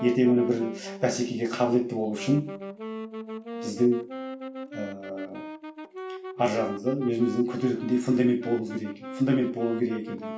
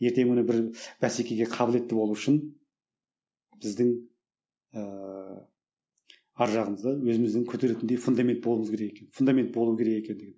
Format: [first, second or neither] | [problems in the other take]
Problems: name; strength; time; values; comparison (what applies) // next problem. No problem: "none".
second | background sound (Wind instrument, woodwind instrument); 11 dB below the speech // room echo; dies away in 0.3 s